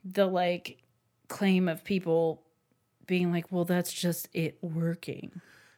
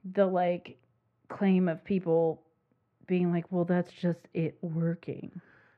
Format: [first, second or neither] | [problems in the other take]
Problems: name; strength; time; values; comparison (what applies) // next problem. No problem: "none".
first | muffled; very; fading above 1.5 kHz